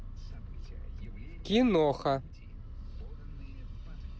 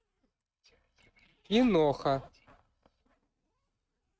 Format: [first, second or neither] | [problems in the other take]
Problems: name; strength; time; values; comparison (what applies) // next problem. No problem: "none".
first | noise reduction (neural mask model RNNoise)